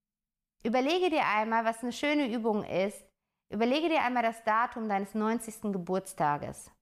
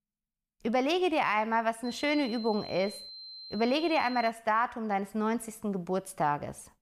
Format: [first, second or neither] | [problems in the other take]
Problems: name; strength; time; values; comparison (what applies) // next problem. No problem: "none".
first | high-pitched whine; noticeable; from 2 to 4.5 s; 4 kHz, 15 dB below the speech